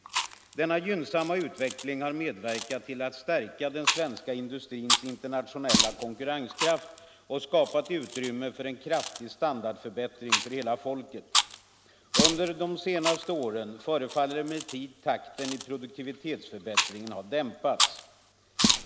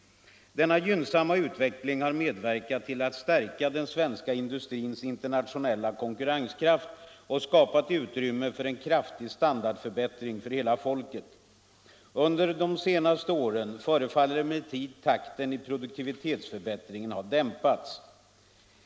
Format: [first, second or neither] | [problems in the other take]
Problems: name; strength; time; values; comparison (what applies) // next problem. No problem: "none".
second | background sound (Chewing, mastication); 1 dB below the speech